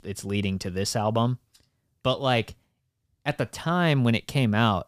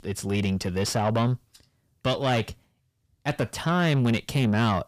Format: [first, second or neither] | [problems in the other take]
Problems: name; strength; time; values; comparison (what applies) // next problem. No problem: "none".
first | distortion; slight; 9 dB below the speech